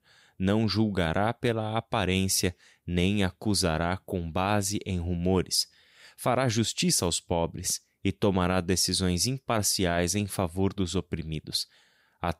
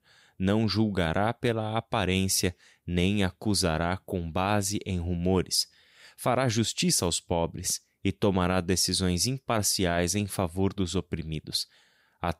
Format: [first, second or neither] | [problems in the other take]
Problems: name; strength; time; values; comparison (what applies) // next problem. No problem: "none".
neither | none